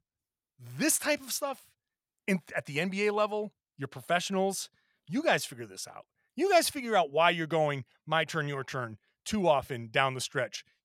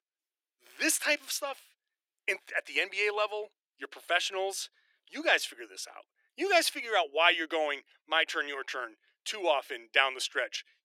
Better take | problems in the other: first | thin; very; fading below 300 Hz

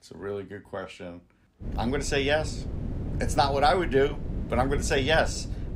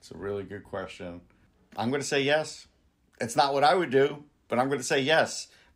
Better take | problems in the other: second | wind noise on the microphone; occasional gusts; from 1.5 s on; 20 dB below the speech

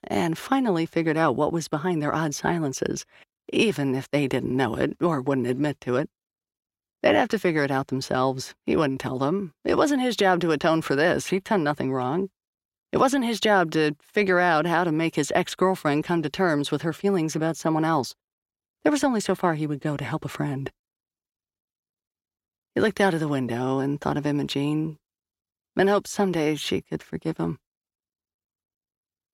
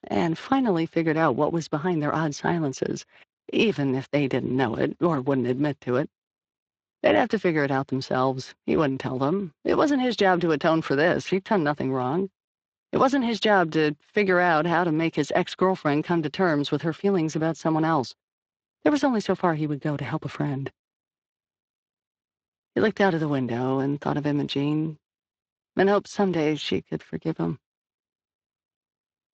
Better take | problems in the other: first | garbled, watery; slightly

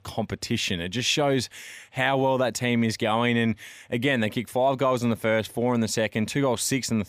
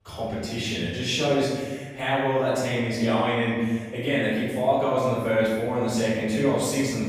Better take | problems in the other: first | off-mic speech; far // room echo; strong; dies away in 1.3 s

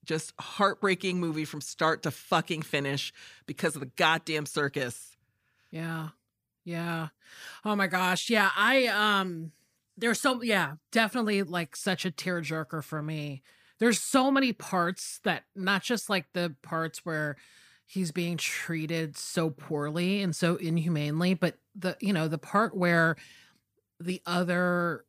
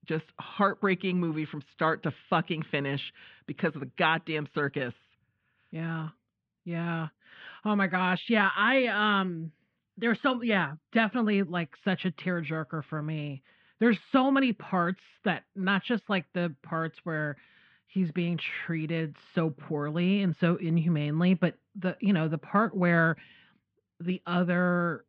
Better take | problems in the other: first | muffled; very; fading above 3 kHz

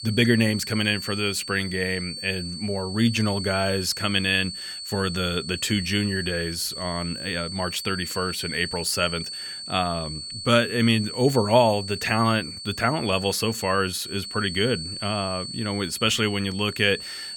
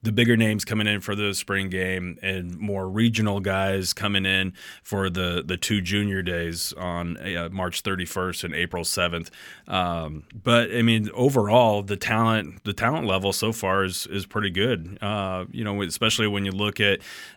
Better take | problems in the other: second | high-pitched whine; loud; throughout; 4.5 kHz, 8 dB below the speech

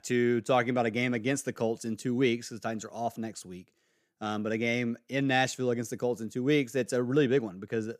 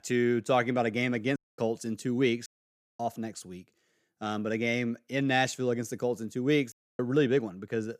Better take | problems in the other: first | audio cutting out; at 1.5 s, at 2.5 s for 0.5 s and at 6.5 s

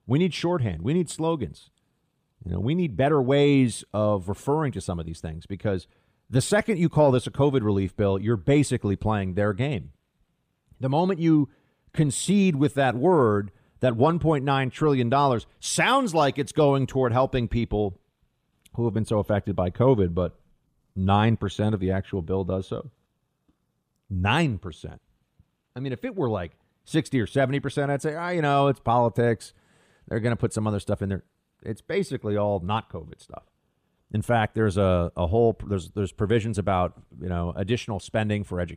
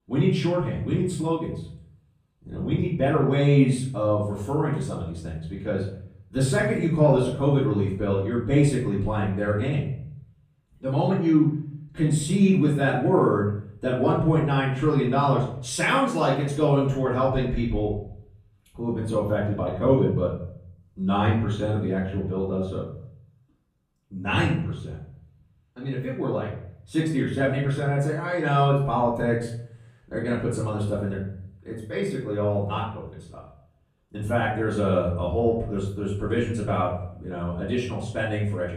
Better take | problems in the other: first | off-mic speech; far // room echo; noticeable; dies away in 0.6 s

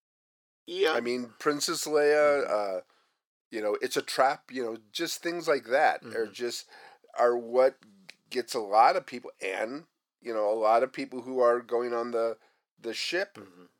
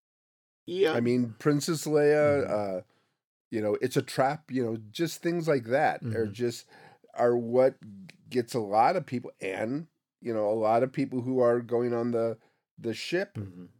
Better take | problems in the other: second | thin; somewhat; fading below 450 Hz

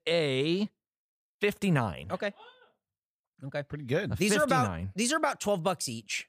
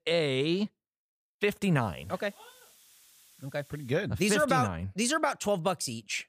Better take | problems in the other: first | hiss; faint; from 2 to 4 s; 25 dB below the speech

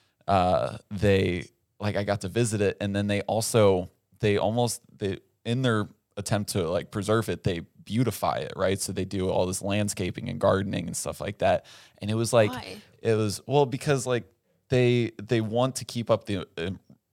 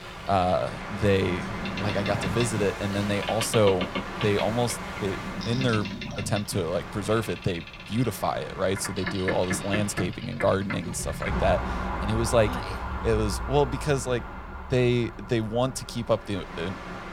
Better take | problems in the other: first | train or aircraft noise; loud; throughout; 6 dB below the speech

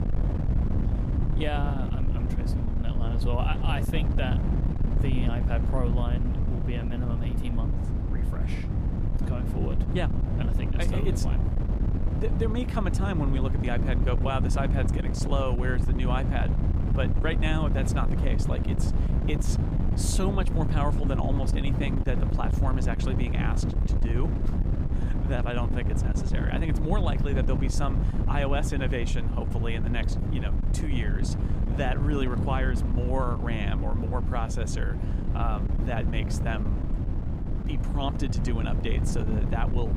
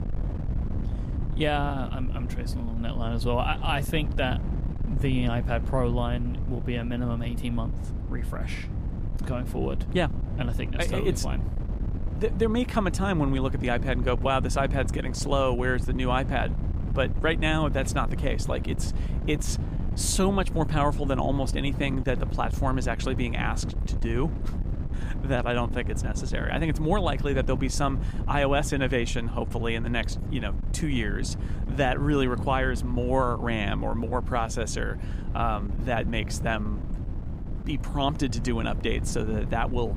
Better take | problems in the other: second | wind noise on the microphone; heavy; 4 dB below the speech; occasional gusts in the second

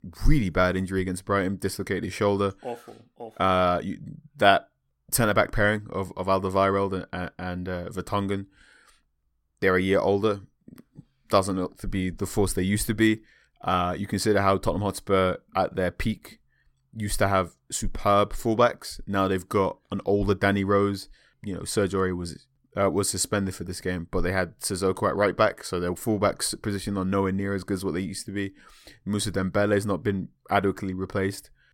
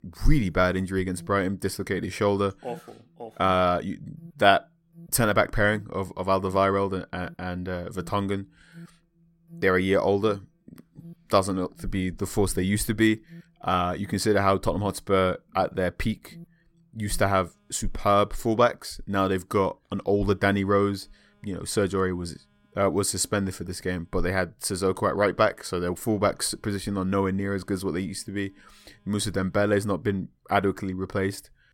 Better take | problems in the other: first | alarms or sirens; faint; throughout; 25 dB below the speech

